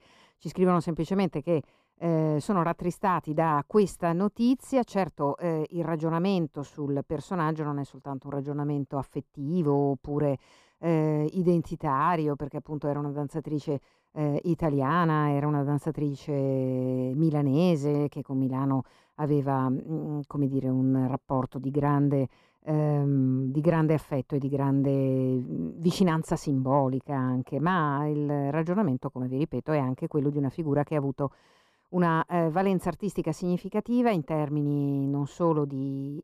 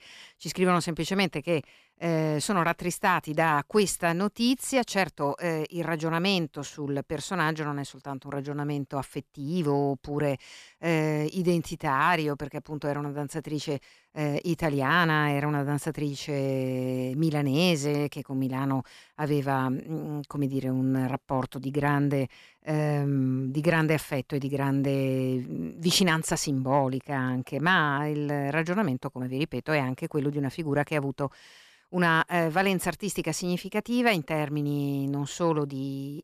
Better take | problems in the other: second | muffled; slightly; fading above 1 kHz

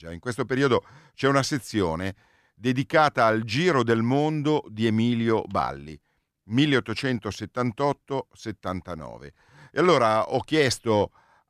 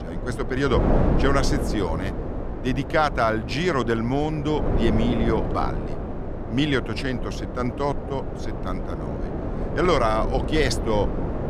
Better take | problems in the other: first | wind noise on the microphone; heavy; 7 dB below the speech

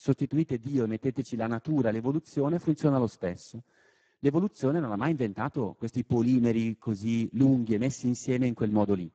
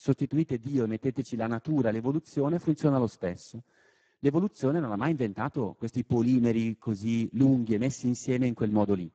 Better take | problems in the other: neither | garbled, watery; badly; nothing above 7.5 kHz; the same in both

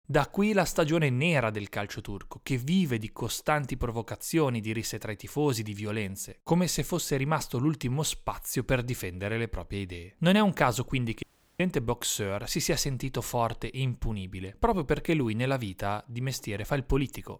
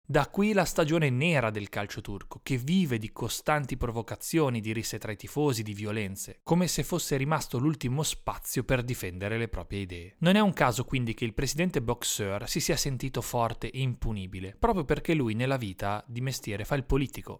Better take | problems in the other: second | audio cutting out; at 11 s

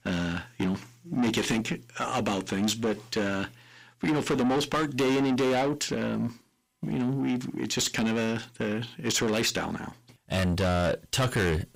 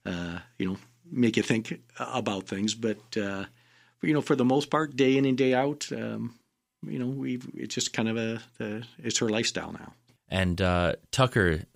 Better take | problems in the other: second | distortion; heavy; 6 dB below the speech

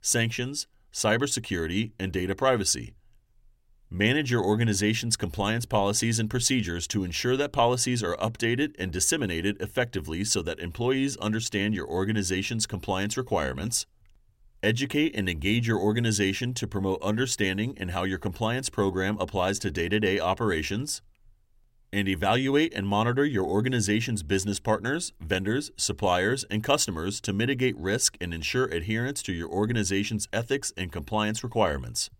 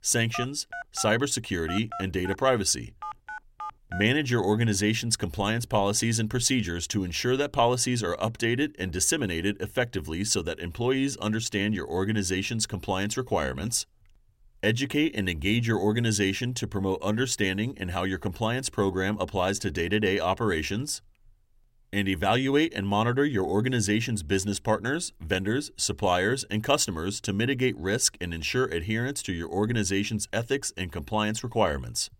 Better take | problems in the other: first | phone ringing; noticeable; until 4 s; peak 10 dB below the speech

